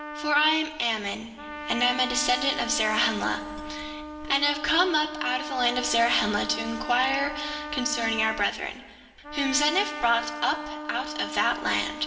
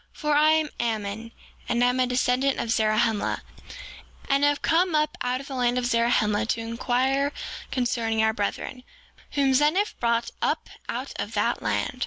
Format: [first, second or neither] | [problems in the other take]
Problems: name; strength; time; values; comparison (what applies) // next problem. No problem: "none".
second | background sound (Trumpet); 9 dB below the speech // room echo; dies away in 1.6 s